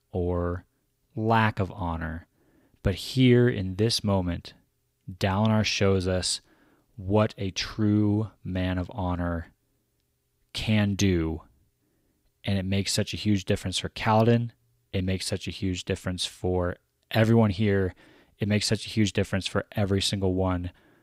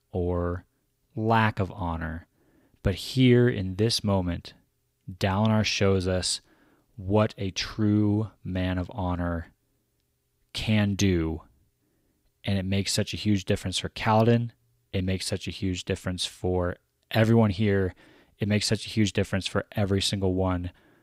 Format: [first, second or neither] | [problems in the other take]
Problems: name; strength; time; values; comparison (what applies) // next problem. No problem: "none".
neither | none